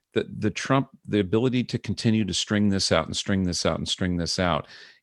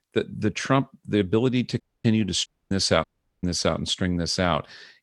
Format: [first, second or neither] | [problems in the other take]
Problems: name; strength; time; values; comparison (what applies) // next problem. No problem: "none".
first | audio cutting out; at 2 s, at 2.5 s and at 3 s